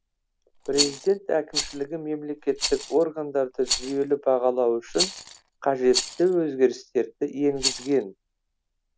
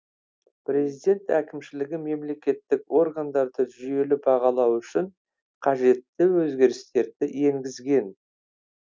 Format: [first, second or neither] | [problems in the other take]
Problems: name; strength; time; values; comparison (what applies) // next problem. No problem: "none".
second | background sound (Rattle); 8 dB below the speech